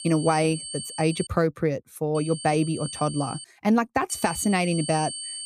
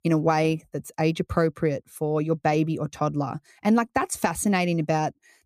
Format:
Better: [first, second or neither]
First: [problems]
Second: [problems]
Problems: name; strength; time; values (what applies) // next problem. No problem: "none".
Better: second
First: high-pitched whine; loud; until 1.5 s, from 2 to 3.5 s and from 4 s on; 8.5 kHz, 9 dB below the speech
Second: none